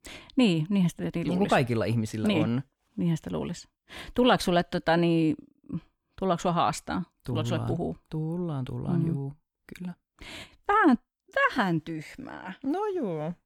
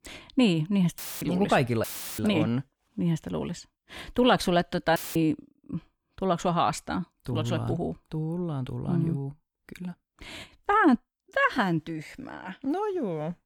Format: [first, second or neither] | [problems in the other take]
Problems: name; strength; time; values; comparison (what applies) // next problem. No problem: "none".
first | audio cutting out; filled with static; at 1 s, at 2 s and at 5 s